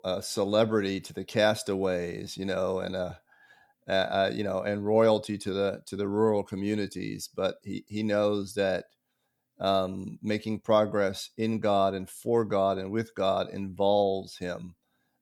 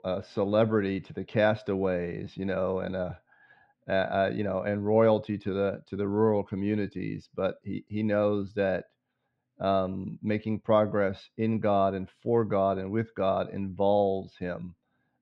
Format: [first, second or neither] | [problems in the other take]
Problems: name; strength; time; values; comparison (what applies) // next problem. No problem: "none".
first | muffled; slightly; fading above 3 kHz